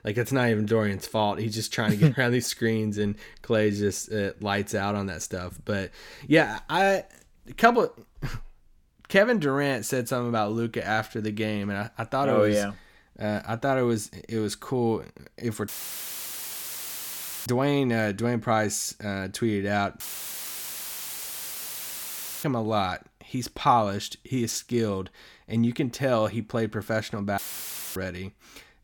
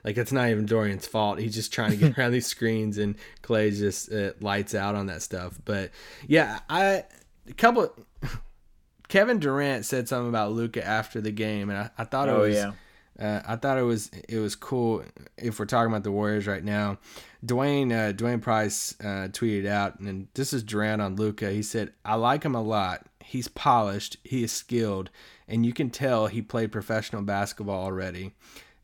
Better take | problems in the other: second | audio cutting out; filled with static; at 16 s for 2 s, at 20 s for 2.5 s and at 27 s for 0.5 s

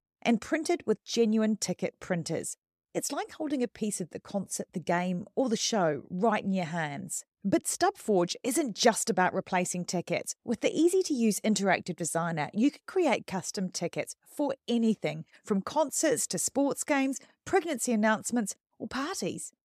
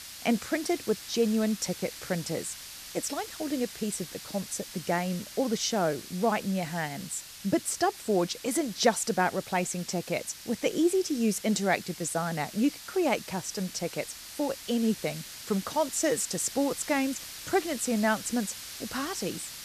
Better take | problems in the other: first | hiss; noticeable; throughout; 10 dB below the speech

